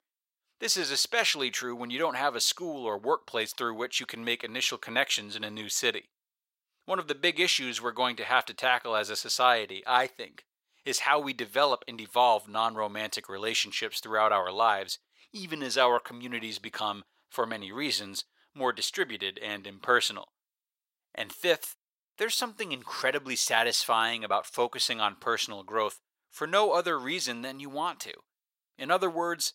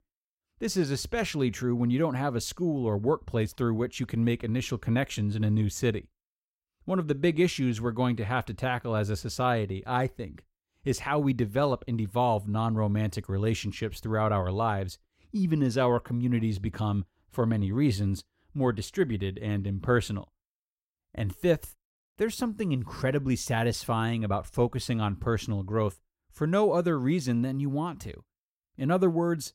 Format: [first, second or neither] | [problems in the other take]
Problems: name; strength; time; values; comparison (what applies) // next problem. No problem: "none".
second | thin; very; fading below 750 Hz